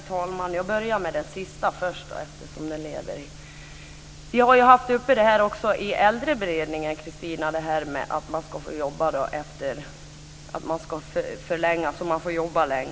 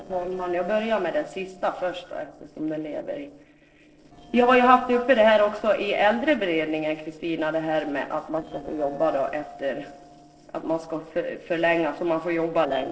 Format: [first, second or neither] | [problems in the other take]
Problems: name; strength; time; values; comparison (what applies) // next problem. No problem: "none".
first | noise reduction (neural separator model SepFormer DNS4)